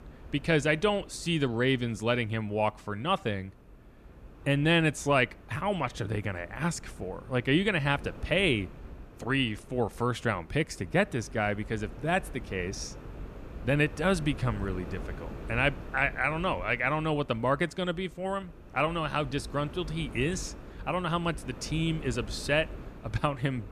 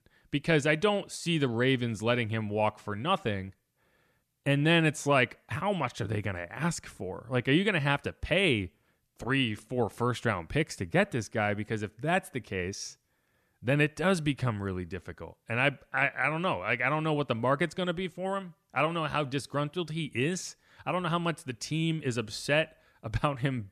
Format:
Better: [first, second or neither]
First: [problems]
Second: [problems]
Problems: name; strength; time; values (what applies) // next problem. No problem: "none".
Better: second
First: wind noise on the microphone; occasional gusts; 20 dB below the speech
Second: none